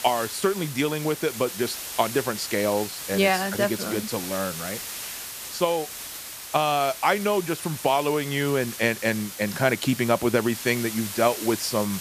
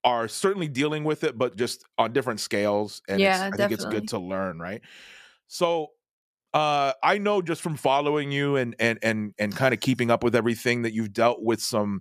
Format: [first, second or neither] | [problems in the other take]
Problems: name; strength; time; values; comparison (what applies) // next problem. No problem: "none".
second | hiss; loud; throughout; 9 dB below the speech